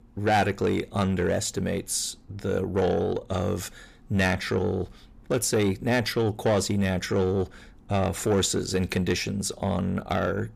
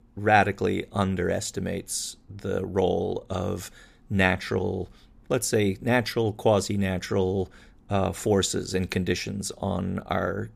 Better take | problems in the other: second | distortion; slight; 10 dB below the speech

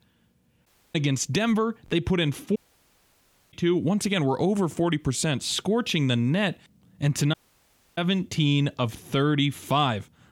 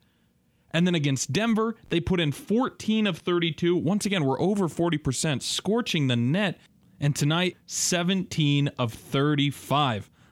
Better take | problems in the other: second | audio cutting out; at 0.5 s, at 2.5 s for 1 s and at 7.5 s for 0.5 s

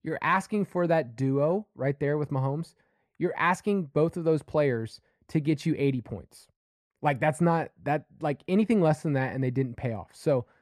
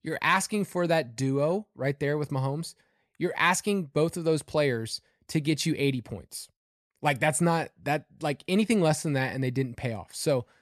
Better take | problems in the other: second | muffled; slightly; fading above 2.5 kHz

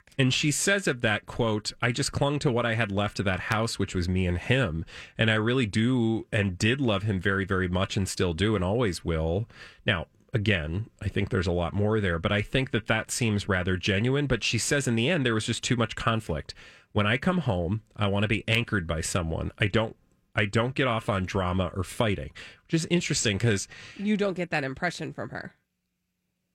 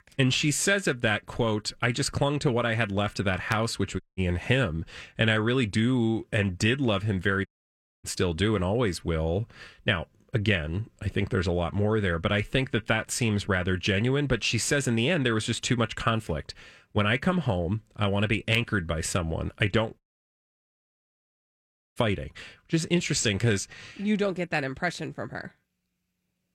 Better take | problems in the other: first | audio cutting out; at 4 s, at 7.5 s for 0.5 s and at 20 s for 2 s

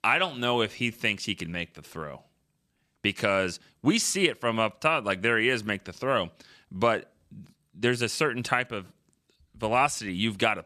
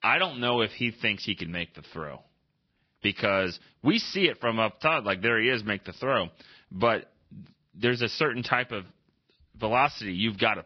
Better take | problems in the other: first | garbled, watery; badly; nothing above 5.5 kHz

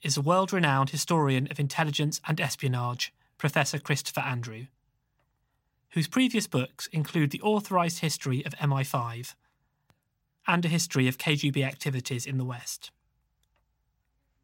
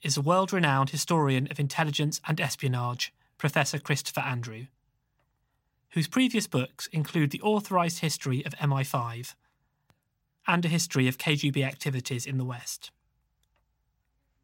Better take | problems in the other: neither | none

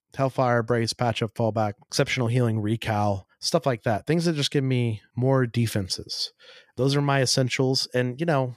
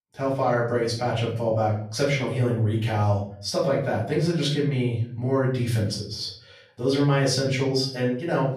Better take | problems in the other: first | off-mic speech; far // room echo; noticeable; dies away in 0.5 s

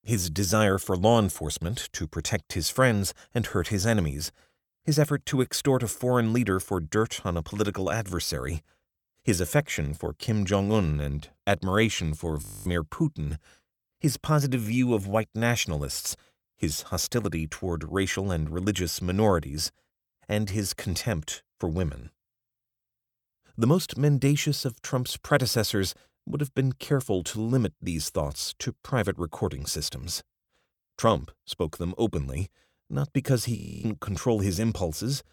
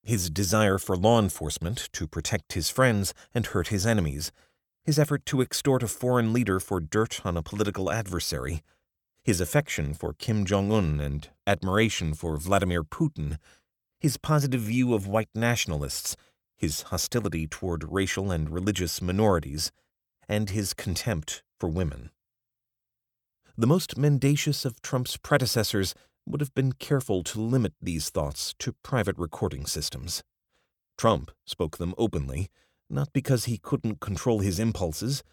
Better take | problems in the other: second | audio freezing; at 12 s and at 34 s

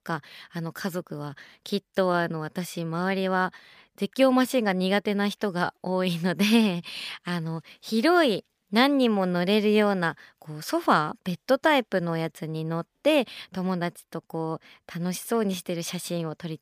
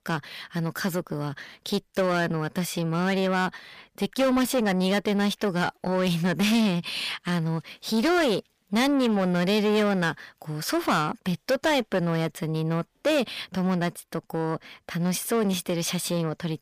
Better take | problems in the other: first | distortion; heavy; 8 dB below the speech

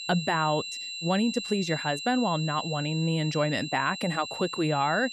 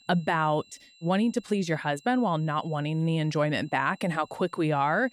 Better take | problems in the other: second | high-pitched whine; loud; throughout; 4 kHz, 7 dB below the speech; faint in the second

